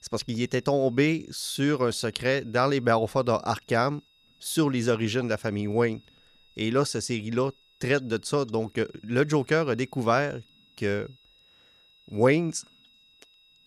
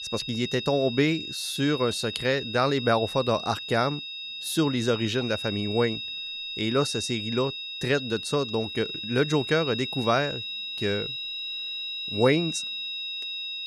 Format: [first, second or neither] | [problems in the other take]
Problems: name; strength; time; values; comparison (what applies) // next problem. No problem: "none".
first | high-pitched whine; loud; throughout; 4 kHz, 5 dB below the speech; faint in the first